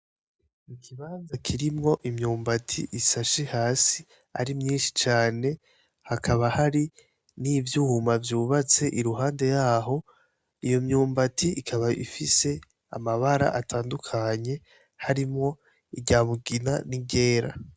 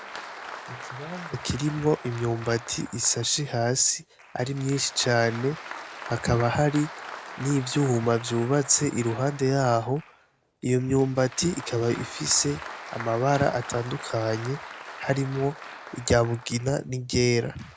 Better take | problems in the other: first | background sound (Applause); 15 dB below the speech

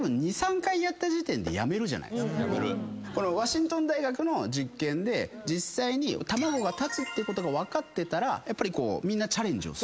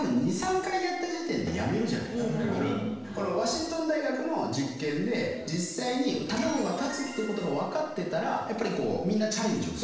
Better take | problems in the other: first | room echo; dies away in 1 s

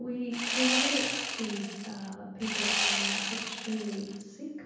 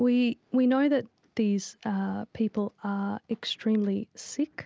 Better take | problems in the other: second | background sound (Sawing); 3 dB above the speech // room echo; dies away in 1.1 s

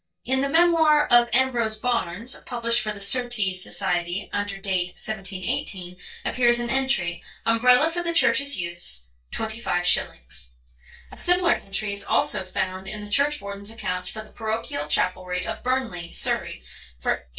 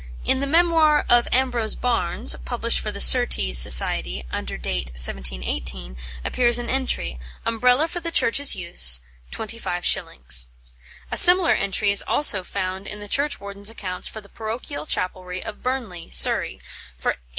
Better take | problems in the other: second | noise reduction (neural mask model DeepFilterNet 3)

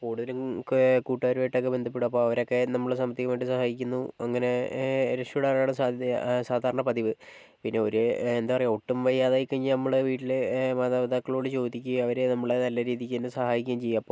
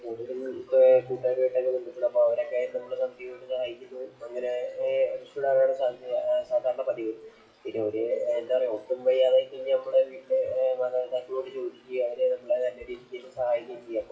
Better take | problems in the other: first | noise reduction (classical method WPE with log-MMSE)

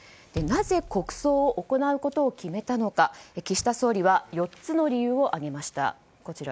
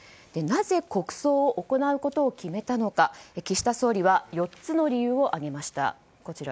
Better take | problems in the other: second | background sound (Bass drum); 15 dB below the speech

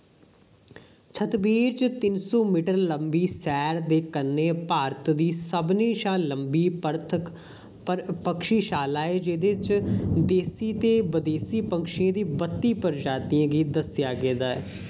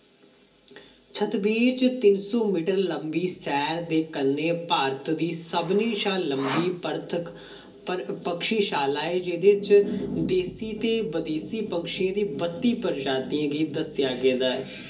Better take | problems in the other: first | background sound (Sawing); 12 dB below the speech // room echo; dies away in 0.3 s

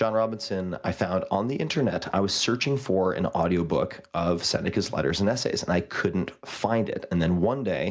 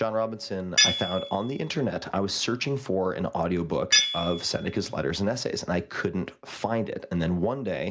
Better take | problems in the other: first | background sound (Tools); 3 dB below the speech

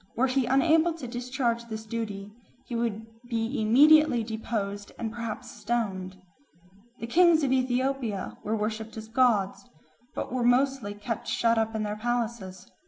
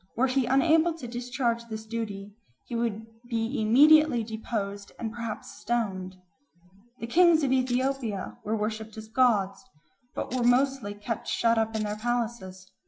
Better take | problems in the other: first | noise reduction (classical method log-MMSE)

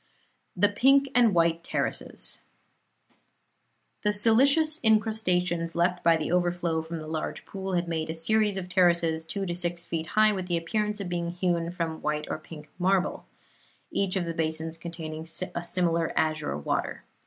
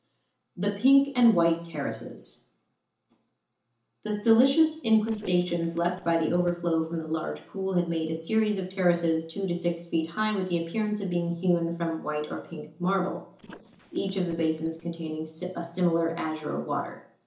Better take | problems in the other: first | noise reduction (neural separator model SepFormer DNS4)

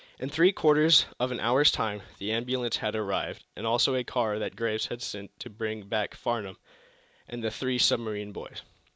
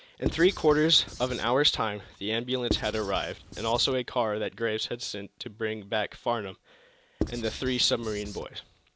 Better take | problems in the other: first | background sound (Writing); 8 dB below the speech

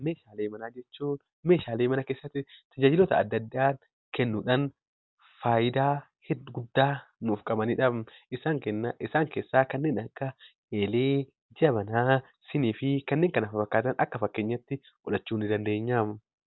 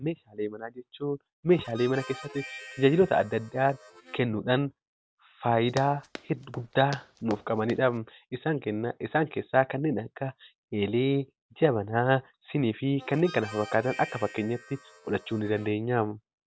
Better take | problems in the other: first | background sound (Run + Harmonica); 17 dB below the speech

